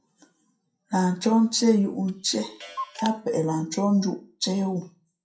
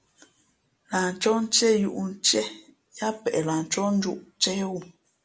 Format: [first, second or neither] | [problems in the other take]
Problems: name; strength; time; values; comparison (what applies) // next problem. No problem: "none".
second | noise reduction (classical method WPE with log-MMSE)